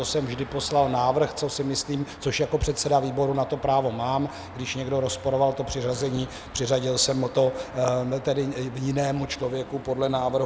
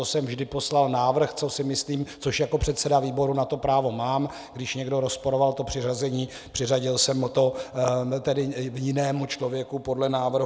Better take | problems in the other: second | background sound (Car passing by / Traffic noise, roadway noise / Engine); 17 dB below the speech

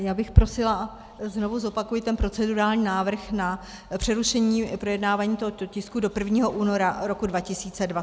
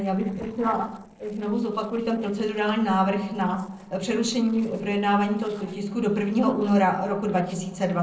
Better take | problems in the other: first | noise reduction (neural separator model SepFormer DNS4)

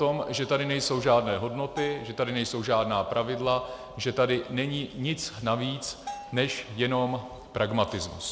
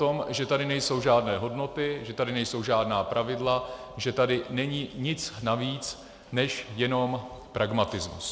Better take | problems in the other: second | background sound (Bell); 17 dB below the speech

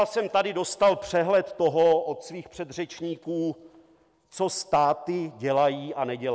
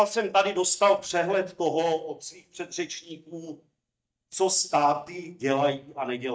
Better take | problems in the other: first | noise reduction (neural mask model DeepFilterNet 3)

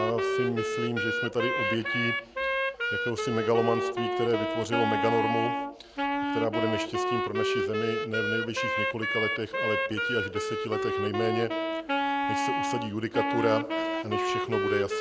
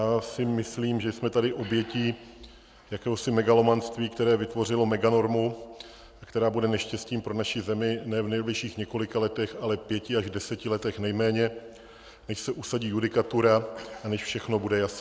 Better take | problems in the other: second | background sound (Wind instrument, woodwind instrument); 2 dB above the speech

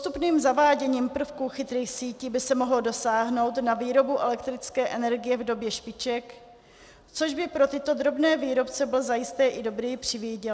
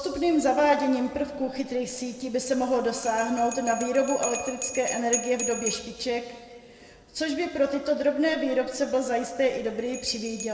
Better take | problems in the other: first | background sound (Bell); 13 dB below the speech // room echo; dies away in 1.8 s

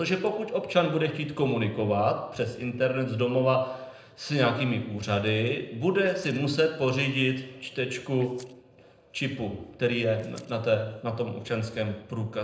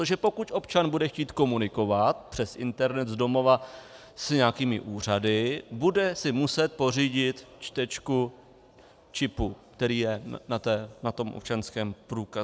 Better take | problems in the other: second | noise reduction (neural separator model SepFormer DNS4)

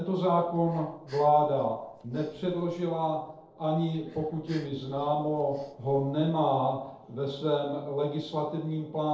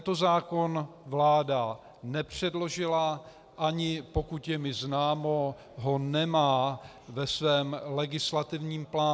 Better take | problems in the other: second | noise reduction (neural separator model SepFormer DNS4)

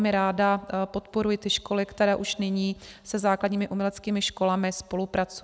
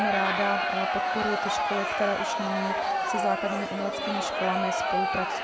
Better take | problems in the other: first | background sound (Crowd); 4 dB above the speech // room echo; dies away in 0.3 s

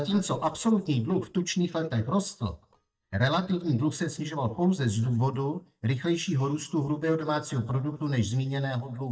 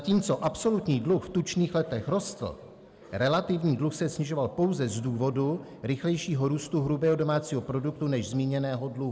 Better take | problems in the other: second | noise reduction (neural mask model DeepFilterNet 3)

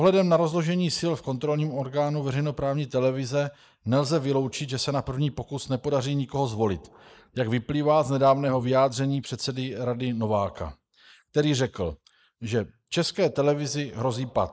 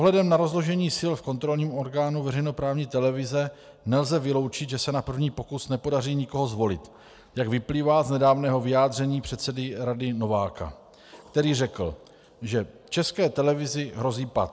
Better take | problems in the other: second | noise reduction (neural mask model Resemble Enhance denoiser)

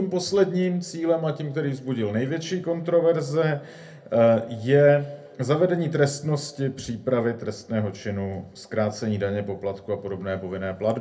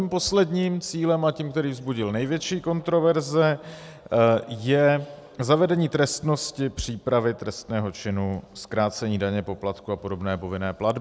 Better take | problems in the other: second | room echo; dies away in 0.3 s

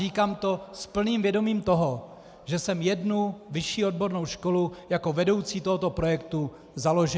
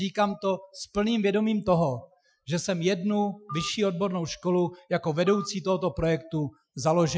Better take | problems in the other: first | noise reduction (classical method Wiener filter)

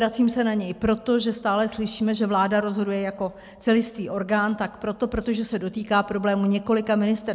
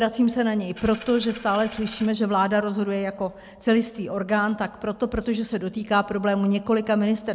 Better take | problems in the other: first | background sound (Coin (dropping)); 18 dB below the speech

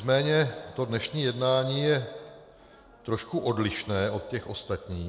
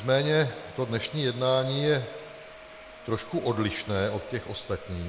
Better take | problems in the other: first | background sound (Domestic sounds, home sounds); 18 dB below the speech

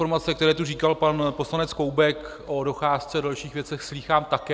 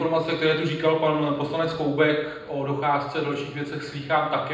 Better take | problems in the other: first | room echo; dies away in 0.8 s

